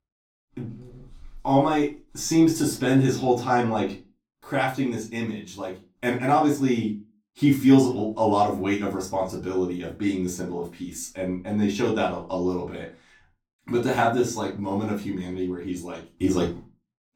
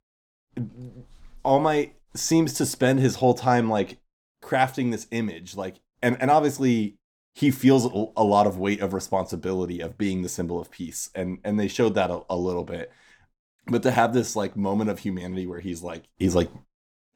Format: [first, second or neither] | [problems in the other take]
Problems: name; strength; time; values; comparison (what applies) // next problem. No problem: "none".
second | off-mic speech; far // room echo; very slight; dies away in 0.2 s